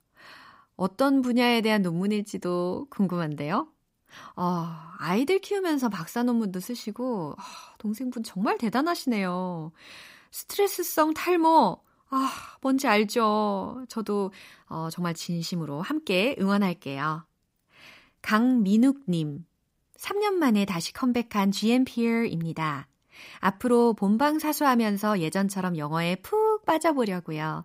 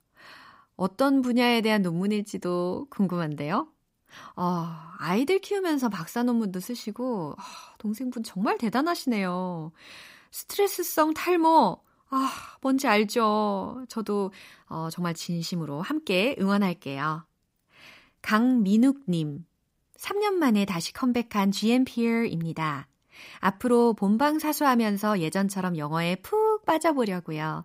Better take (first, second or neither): neither